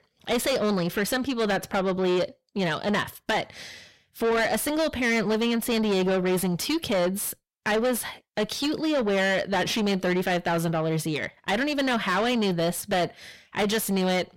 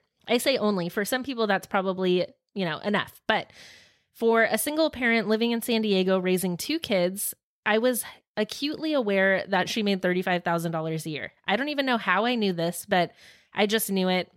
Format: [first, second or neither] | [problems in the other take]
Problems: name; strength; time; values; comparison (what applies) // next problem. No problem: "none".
second | distortion; heavy; 6 dB below the speech